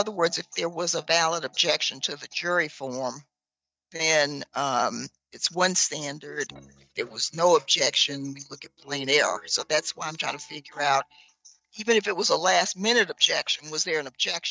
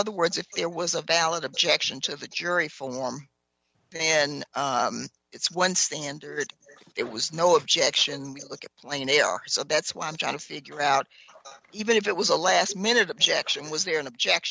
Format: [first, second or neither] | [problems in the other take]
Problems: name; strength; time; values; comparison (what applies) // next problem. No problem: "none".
second | noise reduction (neural mask model DeepFilterNet 3)